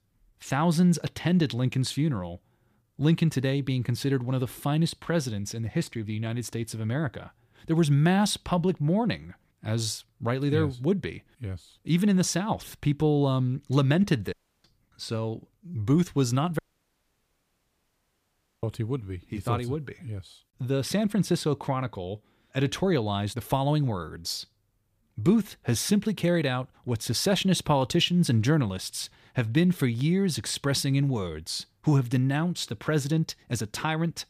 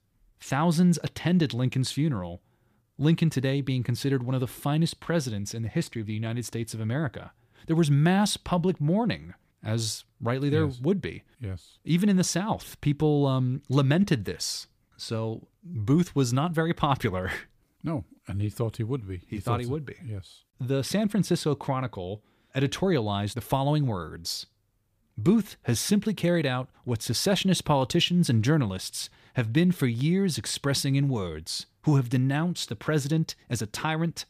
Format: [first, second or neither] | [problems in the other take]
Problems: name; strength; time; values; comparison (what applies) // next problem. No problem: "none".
second | audio cutting out; at 14 s and at 17 s for 2 s